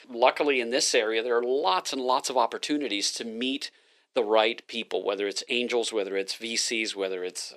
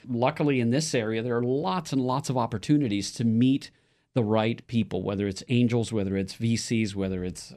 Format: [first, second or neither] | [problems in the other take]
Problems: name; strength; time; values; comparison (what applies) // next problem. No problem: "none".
second | thin; very; fading below 400 Hz